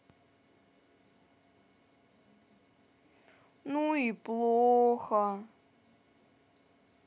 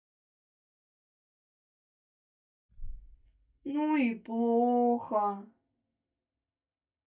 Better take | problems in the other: first | noise reduction (neural mask model DeepFilterNet 3)

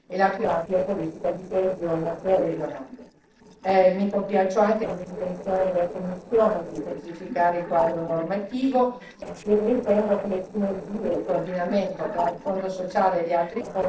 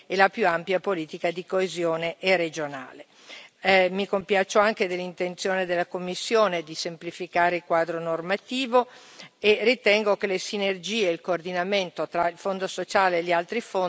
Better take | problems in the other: second | noise reduction (neural separator model SepFormer DNS4)

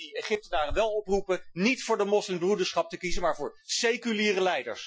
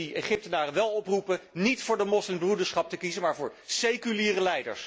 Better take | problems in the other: second | noise reduction (classical method Wiener filter)

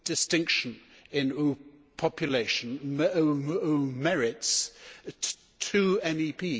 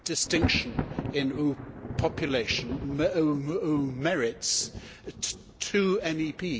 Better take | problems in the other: first | background sound (Thunder); 8 dB below the speech

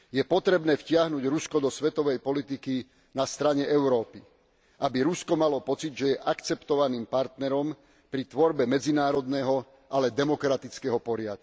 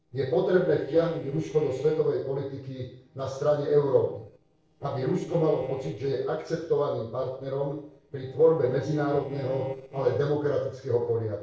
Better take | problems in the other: first | noise reduction (neural separator model SepFormer DNS4)

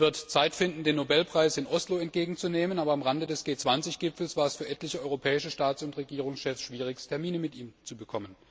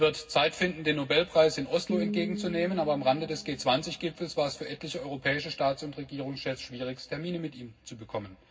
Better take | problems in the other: first | background sound (Piano); 9 dB below the speech // room echo; dies away in 0.4 s

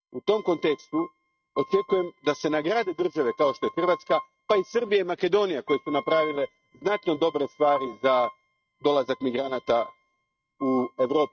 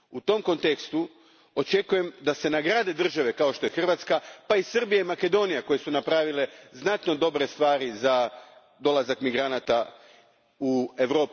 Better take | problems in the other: second | noise reduction (neural mask model RNNoise)

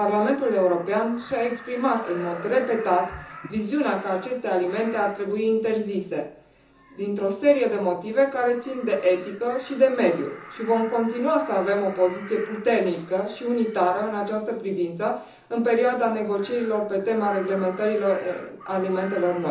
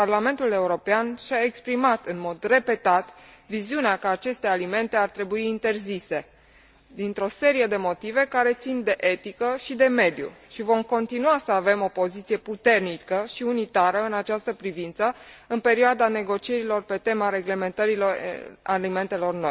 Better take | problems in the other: second | background sound (Crow); 19 dB below the speech // room echo; dies away in 0.7 s

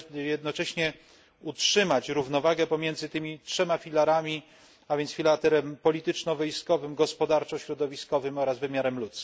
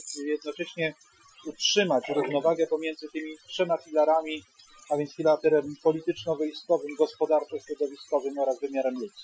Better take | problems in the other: first | noise reduction (classical method Wiener filter)

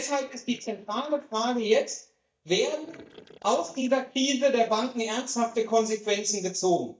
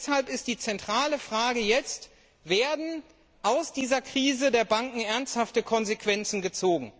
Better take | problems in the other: second | noise reduction (neural mask model DeepFilterNet 3)

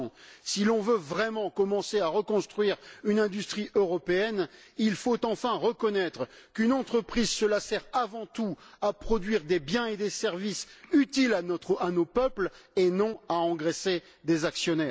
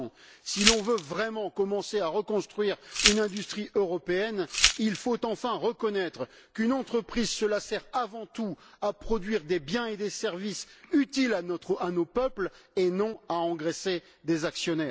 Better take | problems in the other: first | background sound (Glass); as loud as the speech

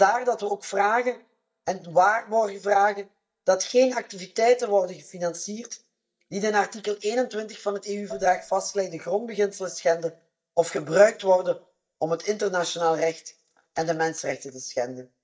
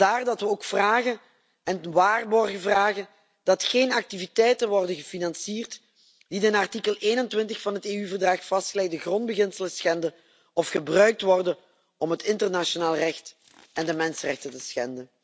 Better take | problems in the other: second | noise reduction (neural mask model DeepFilterNet 3)

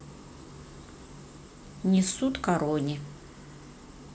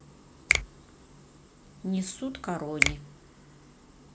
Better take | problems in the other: first | background sound (Finger snapping); 5 dB above the speech

